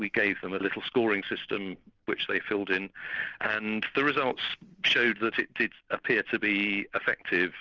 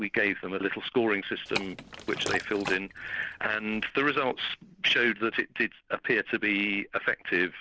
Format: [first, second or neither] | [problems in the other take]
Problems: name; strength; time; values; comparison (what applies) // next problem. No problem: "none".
first | background sound (Liquid); 10 dB below the speech